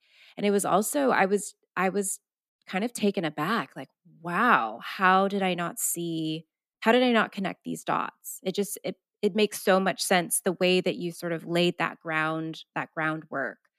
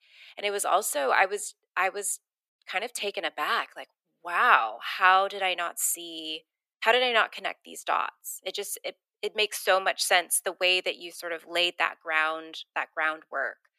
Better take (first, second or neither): first